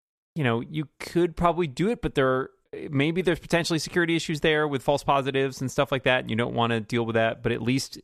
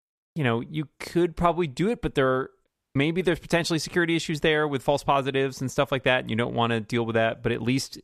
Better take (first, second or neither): first